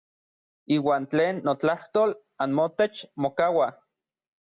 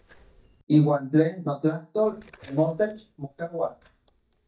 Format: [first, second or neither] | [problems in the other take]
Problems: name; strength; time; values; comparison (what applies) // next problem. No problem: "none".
first | noise reduction (neural mask model DeepFilterNet 3)